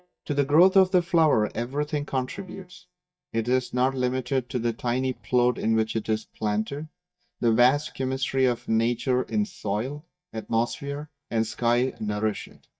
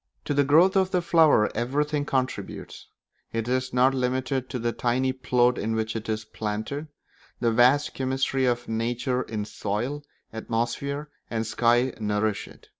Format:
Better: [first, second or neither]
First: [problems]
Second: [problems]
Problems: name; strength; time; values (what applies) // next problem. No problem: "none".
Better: second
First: noise reduction (neural mask model DeepFilterNet 3)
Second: none